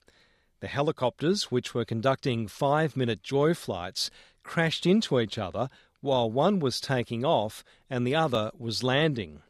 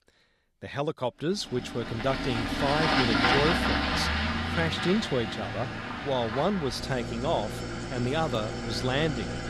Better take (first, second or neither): first